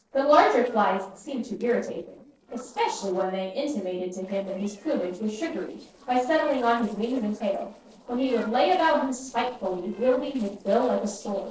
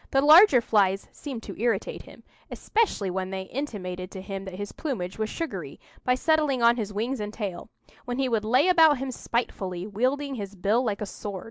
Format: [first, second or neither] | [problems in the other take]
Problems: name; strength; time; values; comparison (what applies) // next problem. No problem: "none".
second | noise reduction (neural separator model SepFormer DNS4)